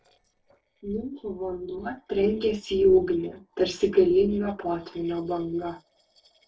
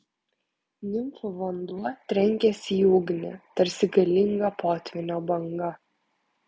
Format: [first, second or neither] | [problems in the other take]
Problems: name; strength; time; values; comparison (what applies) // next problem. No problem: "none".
second | noise reduction (neural separator model SepFormer DNS4)